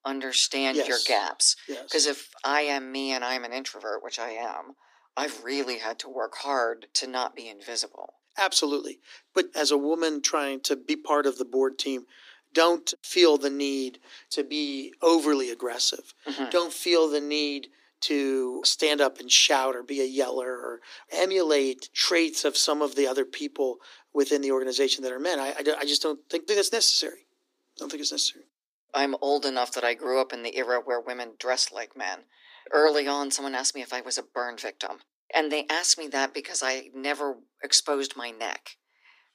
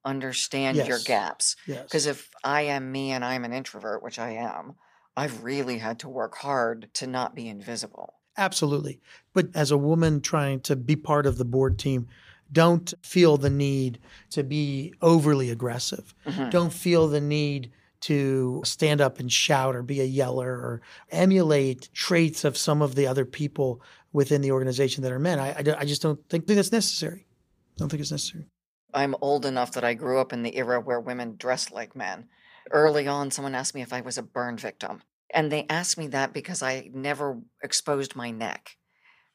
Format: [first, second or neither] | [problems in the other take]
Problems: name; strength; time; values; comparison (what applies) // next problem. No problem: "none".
second | thin; very slightly; fading below 250 Hz